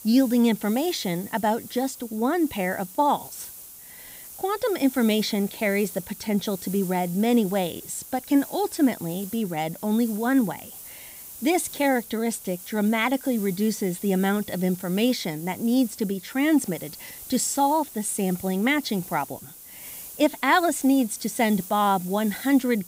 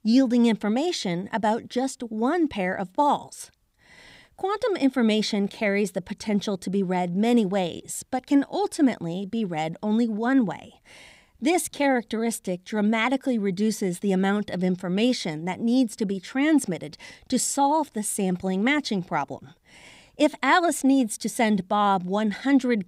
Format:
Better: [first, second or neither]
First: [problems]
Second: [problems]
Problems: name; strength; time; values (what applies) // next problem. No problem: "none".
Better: second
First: hiss; noticeable; throughout; 15 dB below the speech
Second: none